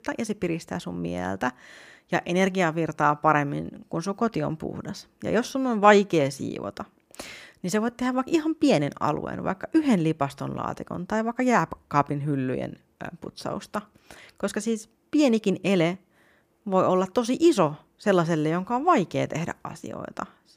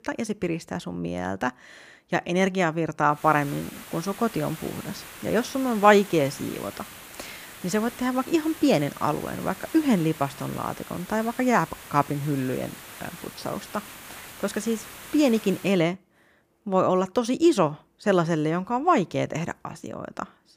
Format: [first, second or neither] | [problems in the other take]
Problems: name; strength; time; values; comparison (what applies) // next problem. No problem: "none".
first | hiss; noticeable; from 3 to 16 s; 15 dB below the speech